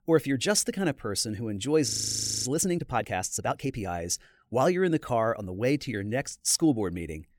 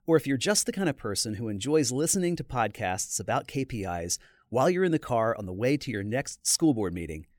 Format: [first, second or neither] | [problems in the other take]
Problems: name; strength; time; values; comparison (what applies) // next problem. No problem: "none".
second | audio freezing; at 2 s for 0.5 s